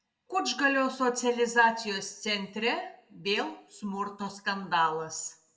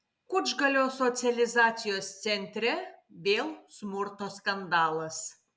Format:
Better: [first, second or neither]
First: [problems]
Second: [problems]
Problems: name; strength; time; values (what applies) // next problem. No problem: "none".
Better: second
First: room echo; dies away in 0.3 s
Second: none